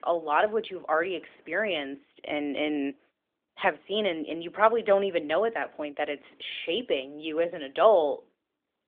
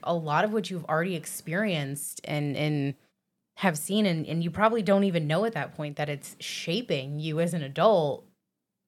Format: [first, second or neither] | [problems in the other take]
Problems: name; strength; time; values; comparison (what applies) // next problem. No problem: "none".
second | phone-call audio; nothing above 3.5 kHz